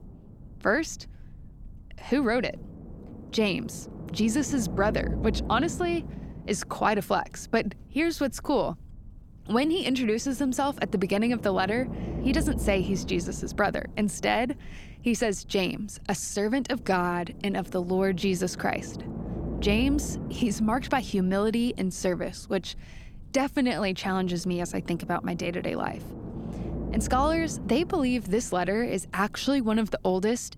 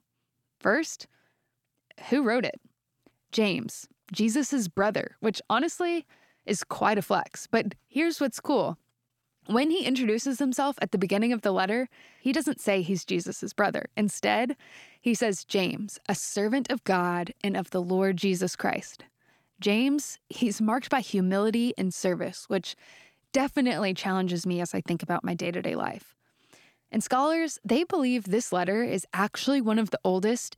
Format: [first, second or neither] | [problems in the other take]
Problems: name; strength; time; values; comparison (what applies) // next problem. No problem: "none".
second | low rumble; noticeable; throughout; 15 dB below the speech